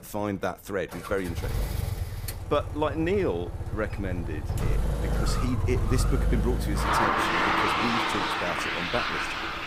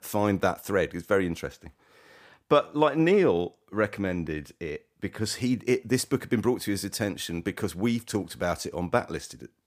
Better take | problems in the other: second | traffic noise; very loud; throughout; 4 dB above the speech

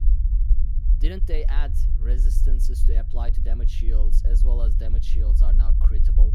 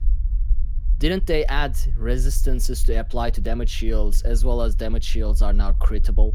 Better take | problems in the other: second | low rumble; loud; throughout; 5 dB below the speech; faint in the second

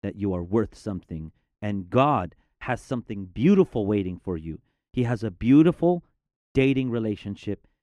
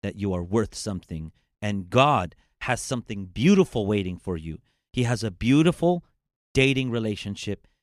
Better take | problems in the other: second | muffled; slightly; fading above 3 kHz

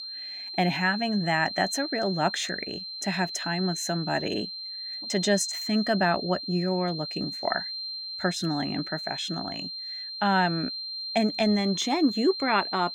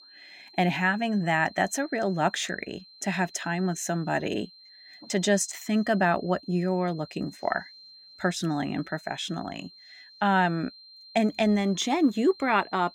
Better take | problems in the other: second | high-pitched whine; loud; throughout; 4 kHz, 6 dB below the speech; faint in the second

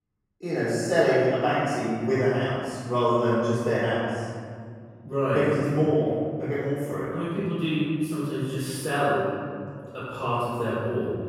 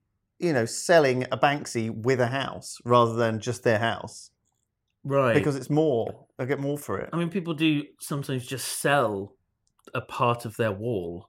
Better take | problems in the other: second | off-mic speech; far // room echo; strong; dies away in 2.3 s

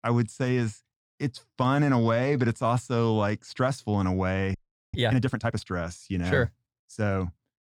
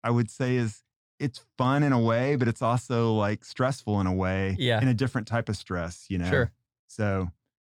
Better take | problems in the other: second | audio freezing; at 4.5 s

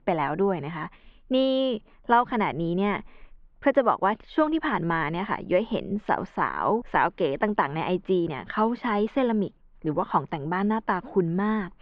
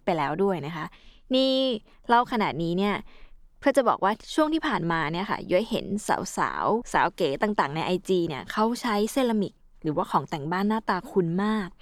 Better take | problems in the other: second | muffled; very; fading above 3 kHz

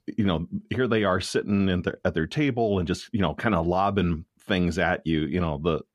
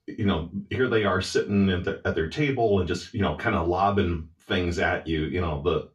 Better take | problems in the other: first | room echo; very slight; dies away in 0.3 s // off-mic speech; far

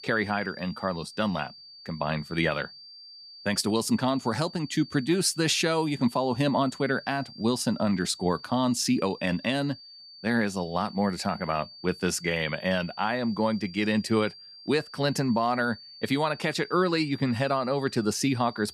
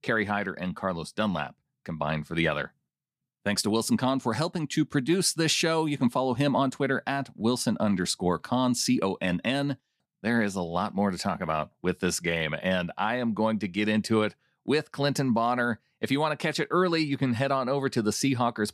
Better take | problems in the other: second | high-pitched whine; noticeable; throughout; 4.5 kHz, 15 dB below the speech

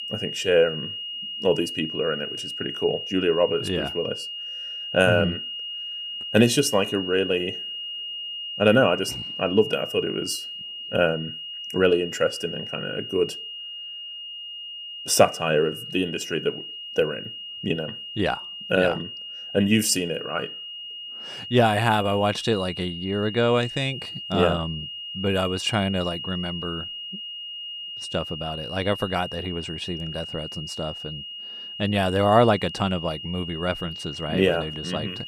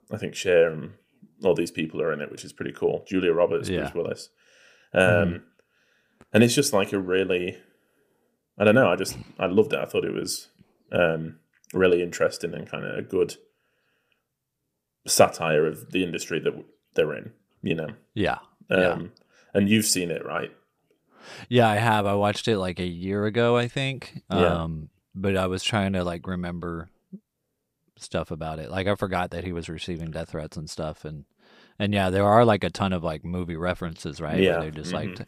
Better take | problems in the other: second | high-pitched whine; loud; throughout; 3 kHz, 8 dB below the speech

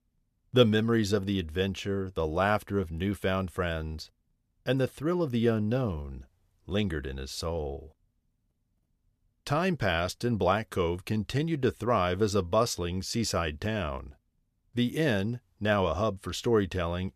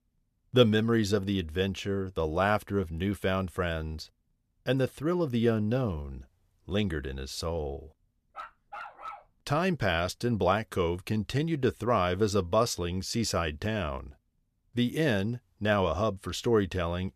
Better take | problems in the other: first | dog barking; faint; at 8.5 s; peak 10 dB below the speech

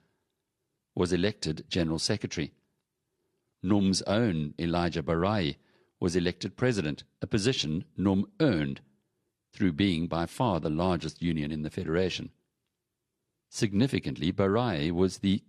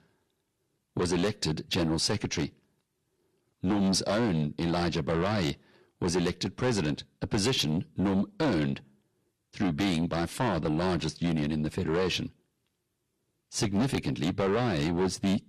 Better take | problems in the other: first | distortion; heavy; 6 dB below the speech

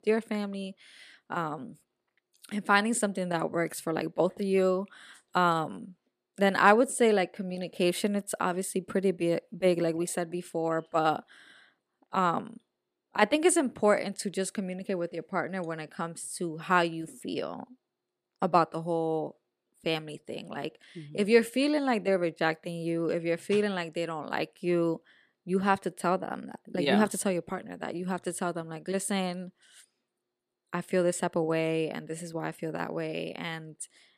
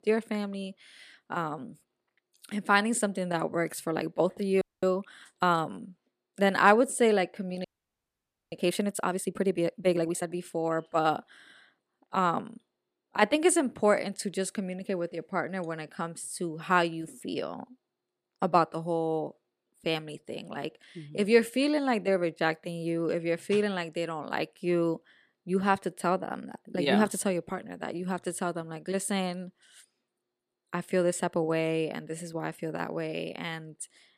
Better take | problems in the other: first | audio freezing; at 4.5 s and at 7.5 s for 1 s

